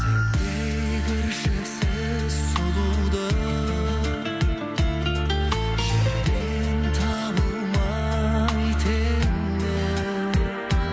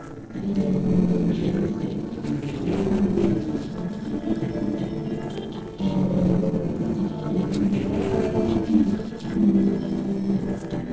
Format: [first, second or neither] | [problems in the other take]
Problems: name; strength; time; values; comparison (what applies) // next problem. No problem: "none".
first | noise reduction (neural separator model SepFormer DNS4)